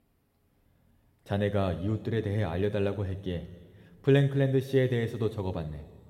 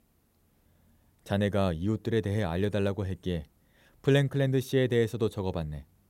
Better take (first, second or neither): second